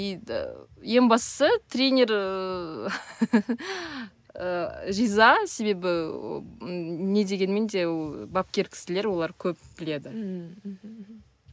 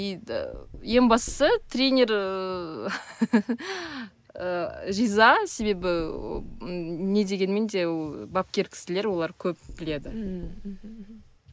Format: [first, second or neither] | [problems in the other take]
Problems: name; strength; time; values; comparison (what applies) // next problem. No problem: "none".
first | background sound (Knock); 16 dB below the speech